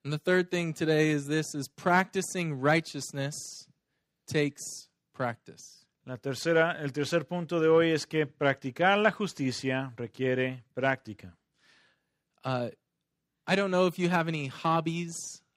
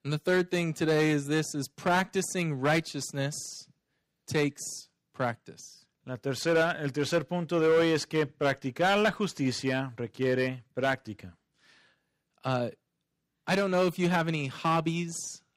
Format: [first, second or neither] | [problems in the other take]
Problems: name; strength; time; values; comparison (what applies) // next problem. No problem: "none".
first | distortion; slight; 4% of the sound clipped